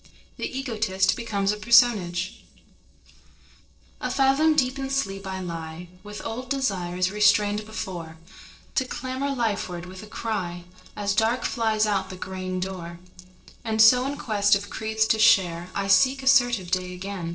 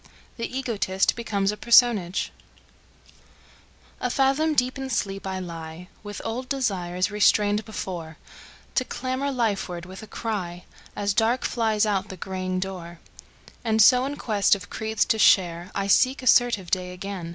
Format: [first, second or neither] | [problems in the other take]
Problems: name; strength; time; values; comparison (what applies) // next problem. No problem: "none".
second | noise reduction (neural separator model SepFormer DNS4)